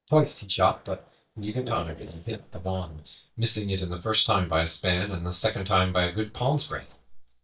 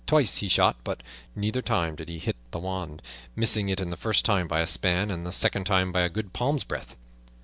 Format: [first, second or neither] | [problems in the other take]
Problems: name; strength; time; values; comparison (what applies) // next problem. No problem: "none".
second | noise reduction (neural mask model DeepFilterNet 3)